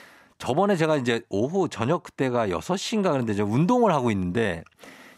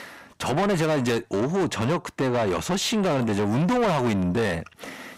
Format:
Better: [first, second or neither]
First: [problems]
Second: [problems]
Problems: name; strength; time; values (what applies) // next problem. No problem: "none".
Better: first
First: none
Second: distortion; heavy; 7 dB below the speech